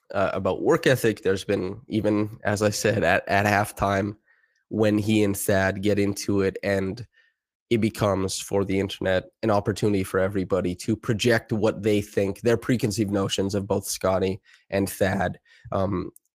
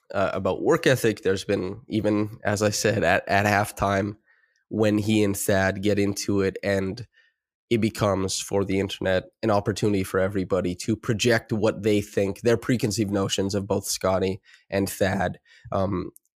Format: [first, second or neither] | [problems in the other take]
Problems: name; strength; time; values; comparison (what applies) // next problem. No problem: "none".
second | garbled, watery; slightly; nothing above 15 kHz